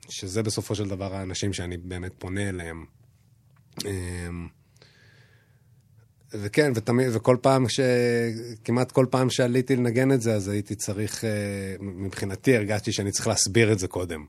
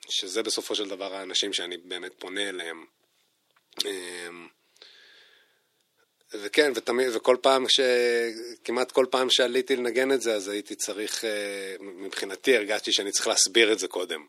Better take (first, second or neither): first